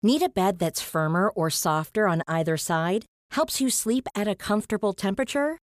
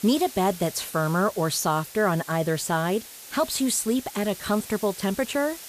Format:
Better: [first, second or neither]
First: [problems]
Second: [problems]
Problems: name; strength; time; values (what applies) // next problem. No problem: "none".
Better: first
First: none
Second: hiss; noticeable; throughout; 15 dB below the speech